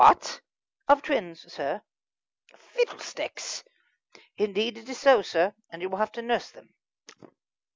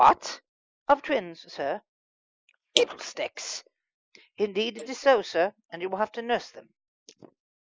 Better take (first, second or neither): first